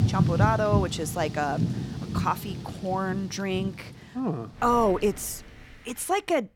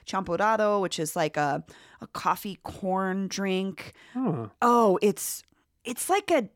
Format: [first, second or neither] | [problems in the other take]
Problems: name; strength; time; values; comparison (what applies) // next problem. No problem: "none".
second | rain or running water; loud; throughout; 3 dB below the speech